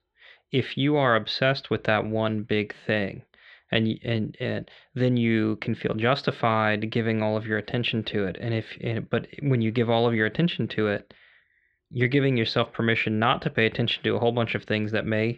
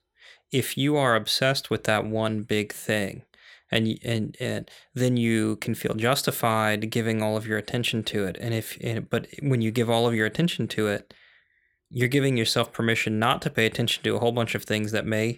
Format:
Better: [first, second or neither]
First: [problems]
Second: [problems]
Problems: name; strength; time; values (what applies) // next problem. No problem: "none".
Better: second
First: muffled; very slightly; fading above 3.5 kHz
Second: none